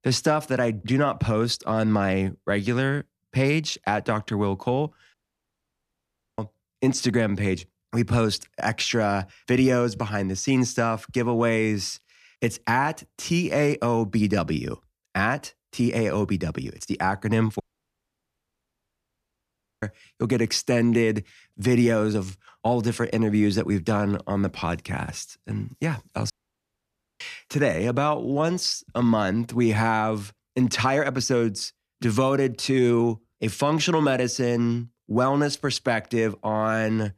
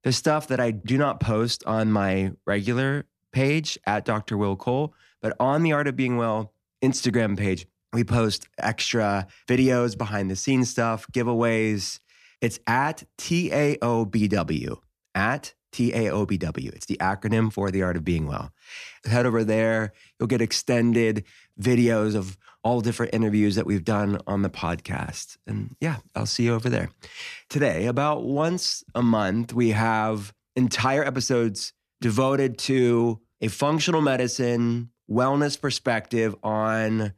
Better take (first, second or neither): second